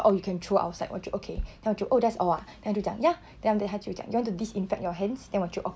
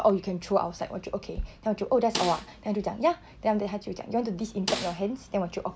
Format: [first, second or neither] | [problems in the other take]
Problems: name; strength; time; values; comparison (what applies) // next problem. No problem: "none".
first | background sound (Snare drum); 9 dB below the speech